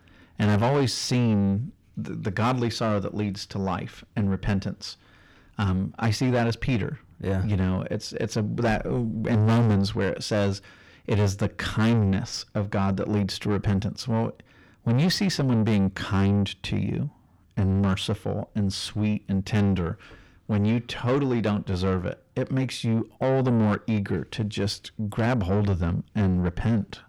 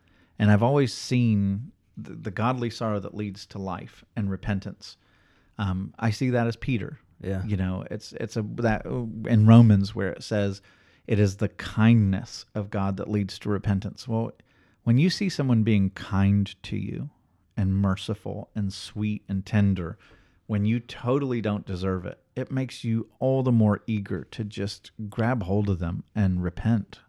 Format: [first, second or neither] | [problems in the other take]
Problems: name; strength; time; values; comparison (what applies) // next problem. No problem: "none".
second | distortion; heavy; 6 dB below the speech